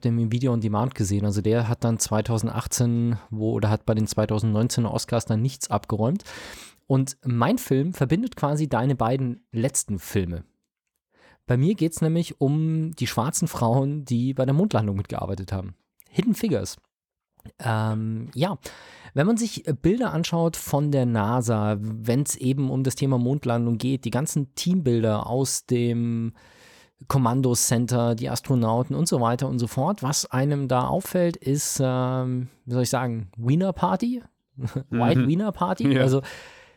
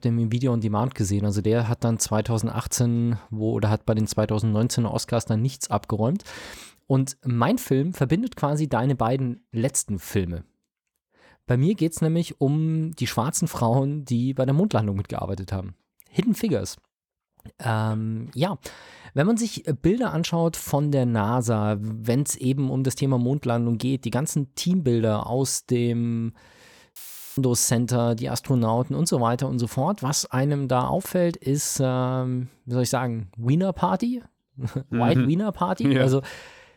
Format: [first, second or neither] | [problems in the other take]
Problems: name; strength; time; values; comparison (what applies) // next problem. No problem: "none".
first | audio cutting out; filled with static; at 27 s